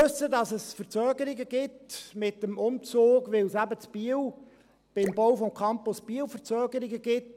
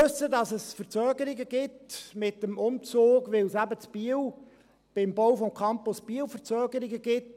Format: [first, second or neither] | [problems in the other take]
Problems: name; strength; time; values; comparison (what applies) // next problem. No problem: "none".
second | background sound (Drip / Splash, splatter); 19 dB below the speech